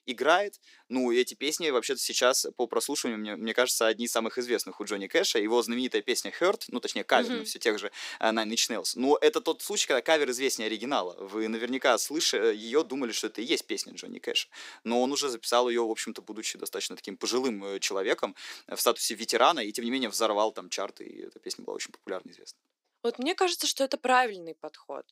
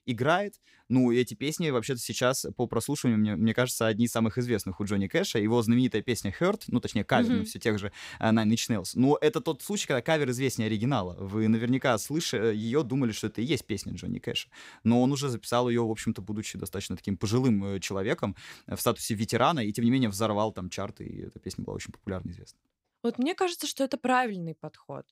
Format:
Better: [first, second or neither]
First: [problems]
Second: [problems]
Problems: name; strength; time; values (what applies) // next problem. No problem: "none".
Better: second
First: thin; somewhat; fading below 300 Hz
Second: none